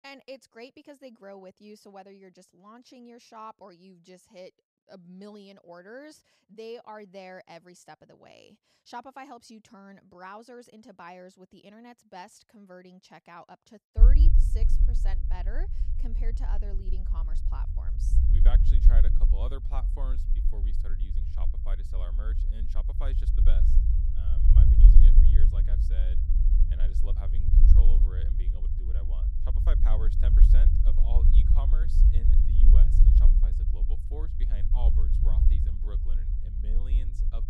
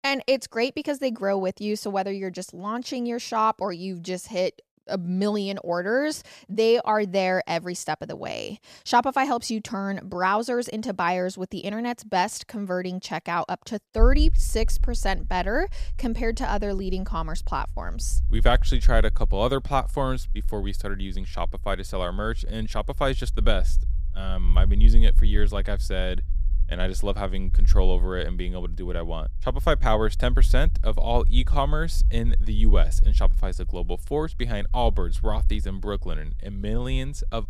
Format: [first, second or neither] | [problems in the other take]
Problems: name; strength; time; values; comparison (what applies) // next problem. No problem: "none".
second | low rumble; loud; from 14 s on; 2 dB below the speech; faint in the second